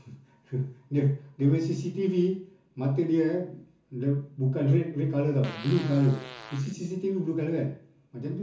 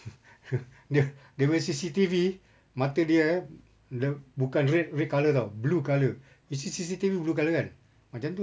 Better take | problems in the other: second | background sound (Fart); 15 dB below the speech // room echo; dies away in 0.9 s

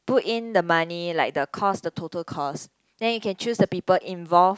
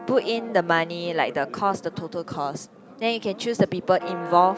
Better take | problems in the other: first | background sound (Church bell); 14 dB below the speech

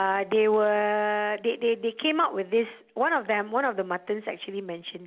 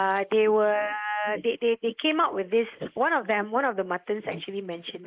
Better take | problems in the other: first | noise reduction (neural mask model Resemble Enhance denoiser)

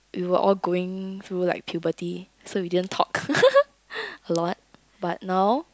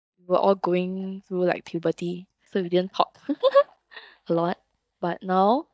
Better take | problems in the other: first | noise reduction (neural mask model DeepFilterNet 3)

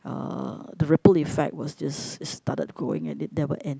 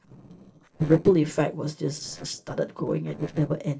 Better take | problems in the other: first | noise reduction (neural separator model SepFormer DNS4)

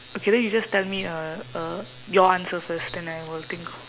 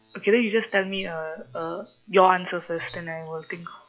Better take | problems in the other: first | noise reduction (classical method log-MMSE)

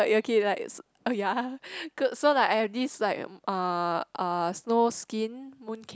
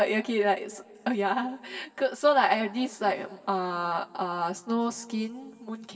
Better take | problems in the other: first | room echo; dies away in 2.7 s

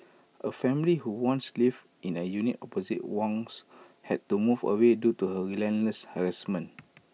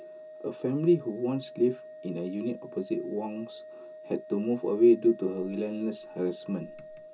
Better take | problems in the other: first | background sound (Organ); 17 dB below the speech // room echo; dies away in 0.2 s

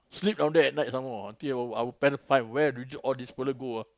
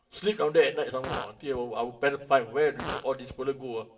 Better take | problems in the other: first | background sound (Fart); 13 dB below the speech // room echo; dies away in 0.8 s

